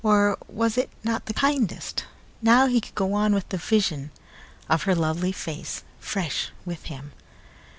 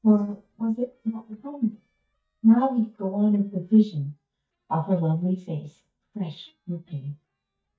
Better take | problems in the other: first | noise reduction (neural mask model DeepFilterNet 3)

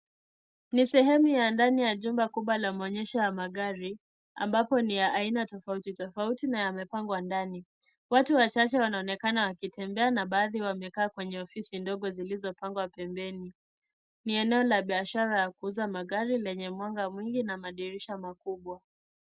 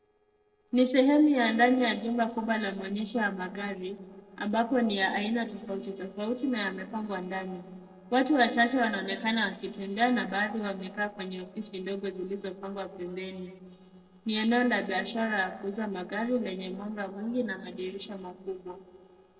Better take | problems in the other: first | noise reduction (neural separator model SepFormer DNS4)

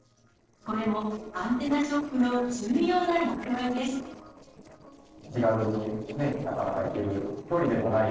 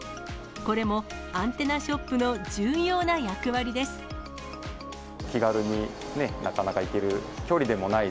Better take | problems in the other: second | noise reduction (neural separator model SepFormer DNS4)

